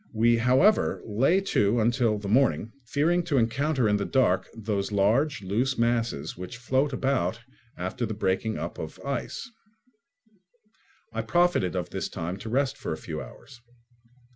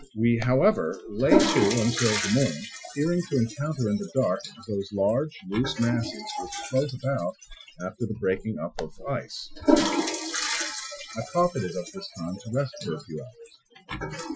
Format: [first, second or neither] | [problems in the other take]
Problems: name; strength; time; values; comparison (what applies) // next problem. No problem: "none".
first | noise reduction (classical method Wiener filter)